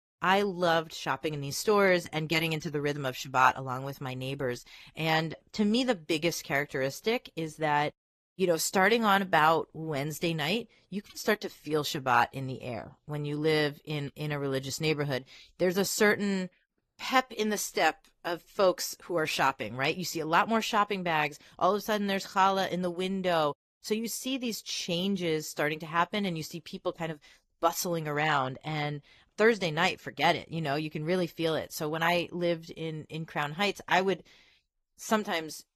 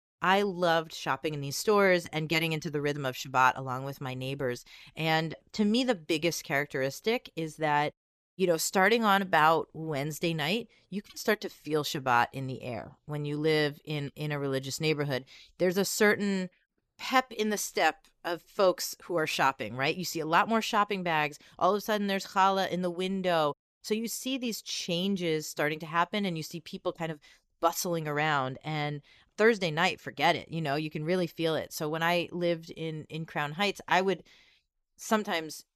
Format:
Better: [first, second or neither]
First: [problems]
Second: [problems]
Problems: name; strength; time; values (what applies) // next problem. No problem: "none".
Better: second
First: garbled, watery; slightly; nothing above 14 kHz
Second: none